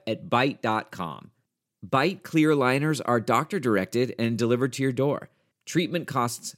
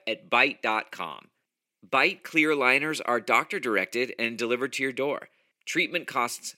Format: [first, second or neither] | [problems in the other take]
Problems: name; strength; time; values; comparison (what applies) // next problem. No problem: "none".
first | thin; somewhat; fading below 350 Hz